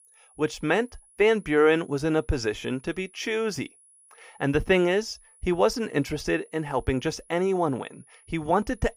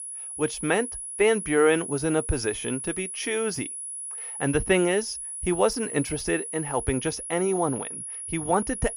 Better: first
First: high-pitched whine; faint; throughout; 10.5 kHz, 30 dB below the speech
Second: high-pitched whine; loud; throughout; 10.5 kHz, 7 dB below the speech

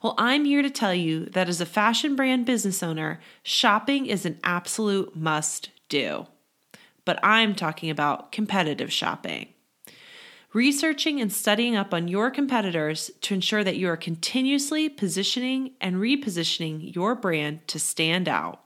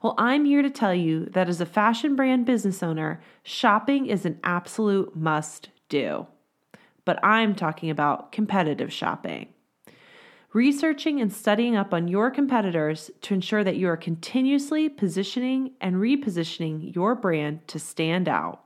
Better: first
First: none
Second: muffled; slightly; fading above 2 kHz

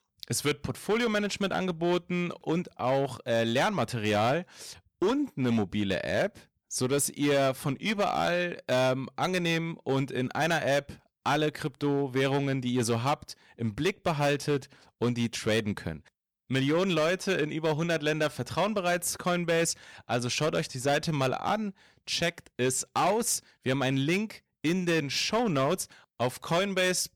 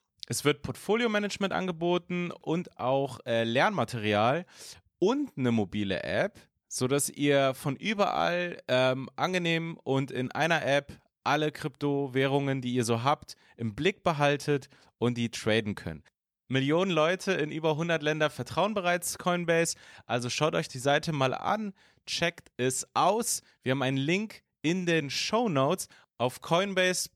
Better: second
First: distortion; slight; 8% of the sound clipped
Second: none

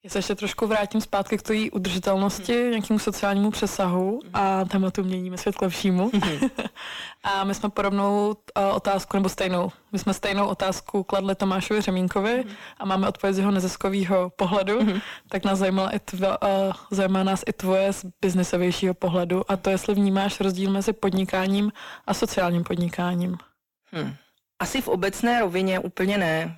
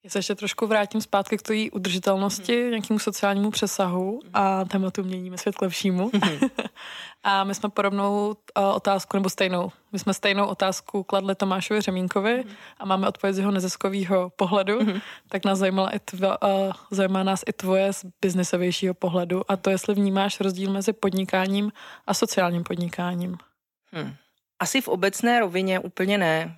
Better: second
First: distortion; slight; 9 dB below the speech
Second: none

